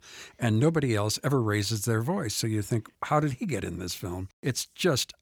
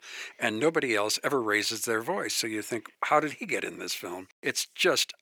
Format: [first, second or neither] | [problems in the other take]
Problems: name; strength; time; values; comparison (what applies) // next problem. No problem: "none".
first | thin; somewhat; fading below 400 Hz